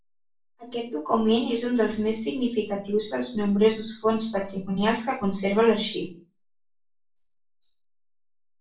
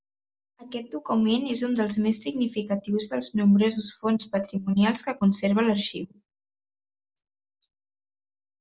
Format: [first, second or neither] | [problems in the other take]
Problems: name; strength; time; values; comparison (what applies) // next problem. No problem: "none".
second | room echo; dies away in 0.3 s